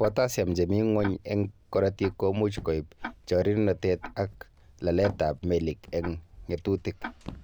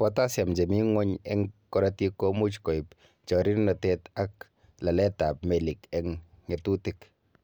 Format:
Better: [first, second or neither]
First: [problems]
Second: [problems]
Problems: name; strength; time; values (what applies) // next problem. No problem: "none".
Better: second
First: background sound (Walk, footsteps + Tick-tock); 16 dB below the speech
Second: none